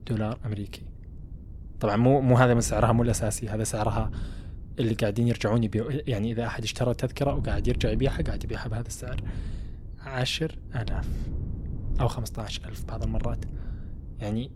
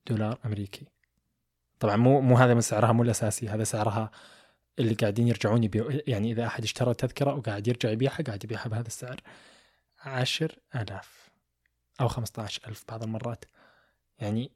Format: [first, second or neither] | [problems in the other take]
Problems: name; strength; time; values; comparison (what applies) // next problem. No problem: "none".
second | wind noise on the microphone; occasional gusts; 20 dB below the speech